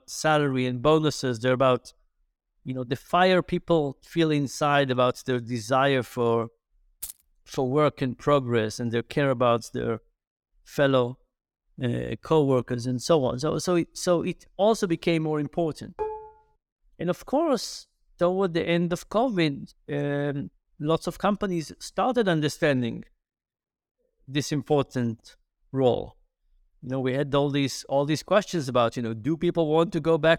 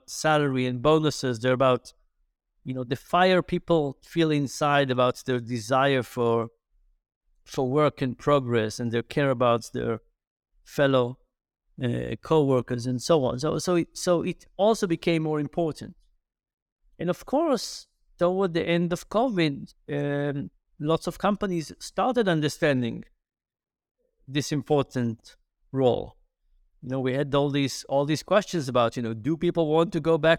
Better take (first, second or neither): second